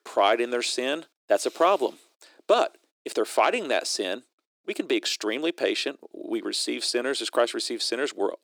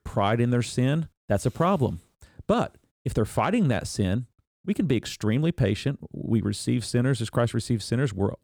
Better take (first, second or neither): second